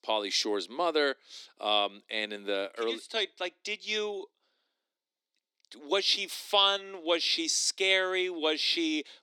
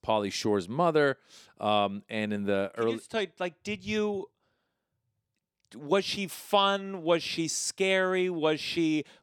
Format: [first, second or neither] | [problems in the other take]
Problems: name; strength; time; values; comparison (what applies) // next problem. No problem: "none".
second | thin; somewhat; fading below 250 Hz